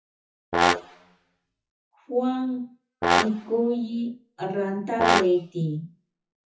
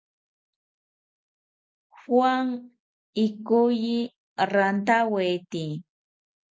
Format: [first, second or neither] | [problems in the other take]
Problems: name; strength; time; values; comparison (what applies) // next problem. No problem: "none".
second | noise reduction (classical method WPE with log-MMSE)